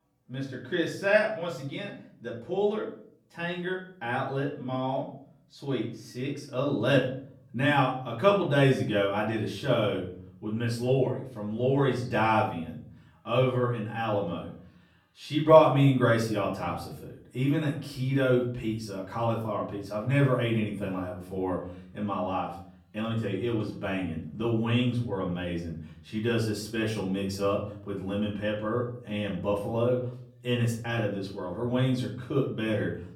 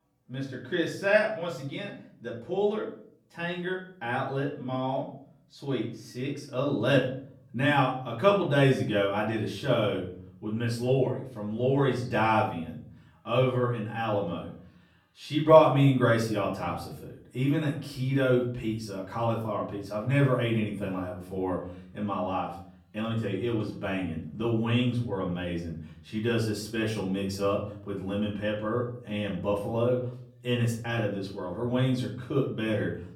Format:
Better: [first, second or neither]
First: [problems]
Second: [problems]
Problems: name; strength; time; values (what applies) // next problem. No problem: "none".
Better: neither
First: off-mic speech; far // room echo; slight; dies away in 0.6 s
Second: off-mic speech; far // room echo; slight; dies away in 0.6 s